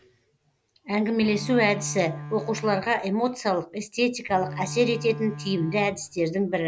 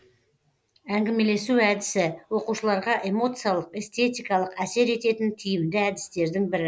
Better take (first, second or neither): second